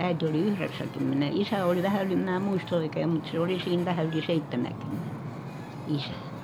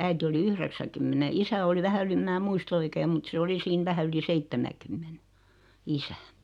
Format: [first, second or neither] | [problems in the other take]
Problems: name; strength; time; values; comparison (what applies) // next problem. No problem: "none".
second | background sound (Wind / Ocean); 10 dB below the speech